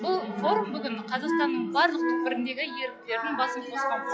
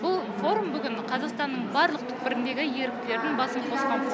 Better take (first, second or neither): second